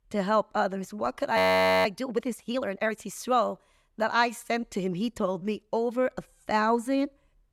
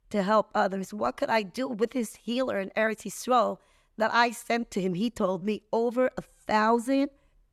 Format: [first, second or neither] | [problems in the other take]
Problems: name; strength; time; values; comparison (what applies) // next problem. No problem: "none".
second | audio freezing; at 1.5 s